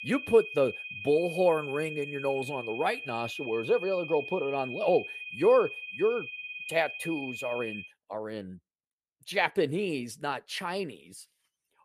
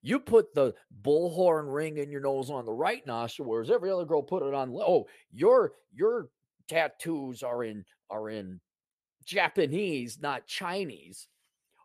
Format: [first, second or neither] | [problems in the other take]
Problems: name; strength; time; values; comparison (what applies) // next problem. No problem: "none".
second | high-pitched whine; loud; until 8 s; 2.5 kHz, 8 dB below the speech